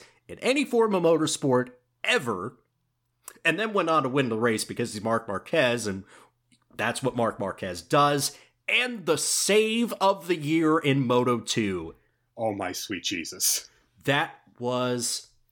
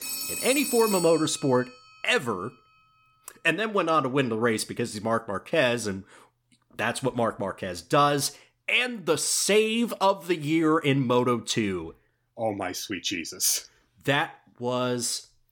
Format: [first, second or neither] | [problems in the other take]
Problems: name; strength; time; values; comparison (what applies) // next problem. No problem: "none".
first | phone ringing; noticeable; until 1.5 s; peak 3 dB below the speech